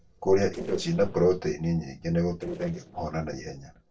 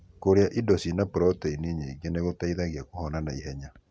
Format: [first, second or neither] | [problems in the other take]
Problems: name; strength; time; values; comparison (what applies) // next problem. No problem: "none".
second | noise reduction (neural separator model SepFormer DNS4)